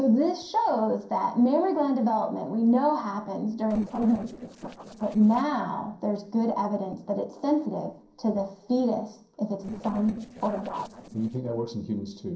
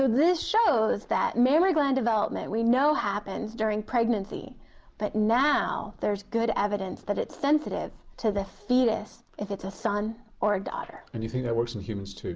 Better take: second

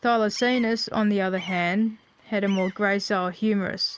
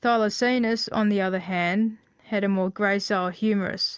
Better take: second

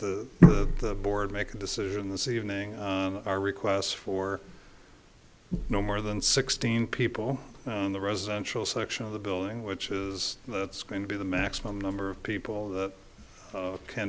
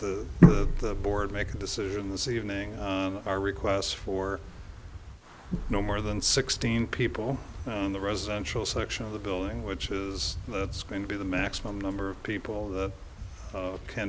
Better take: first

